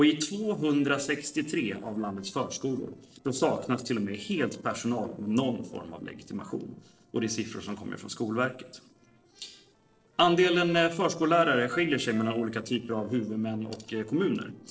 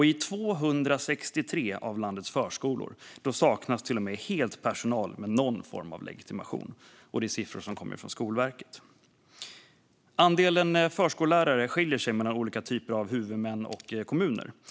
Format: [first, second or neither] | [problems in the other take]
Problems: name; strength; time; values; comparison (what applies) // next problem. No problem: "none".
second | noise reduction (neural separator model SepFormer DNS4)